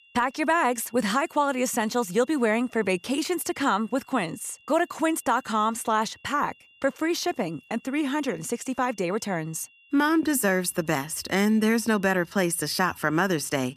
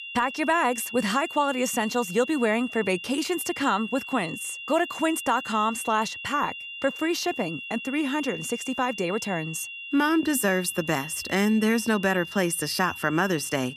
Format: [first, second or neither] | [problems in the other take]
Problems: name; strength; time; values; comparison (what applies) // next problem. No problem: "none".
first | high-pitched whine; loud; throughout; 3 kHz, 10 dB below the speech; faint in the first